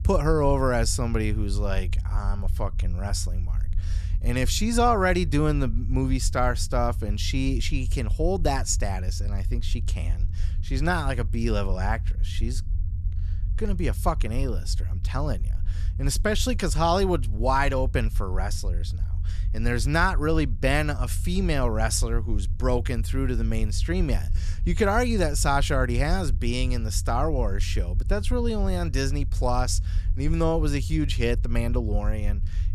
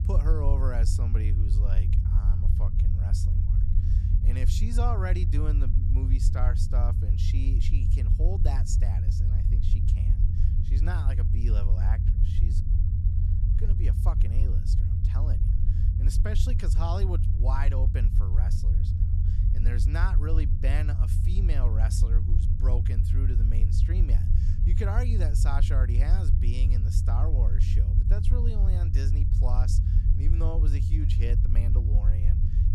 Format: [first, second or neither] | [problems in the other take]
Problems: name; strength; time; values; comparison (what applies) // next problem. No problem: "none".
first | low rumble; loud; throughout; 3 dB below the speech; faint in the first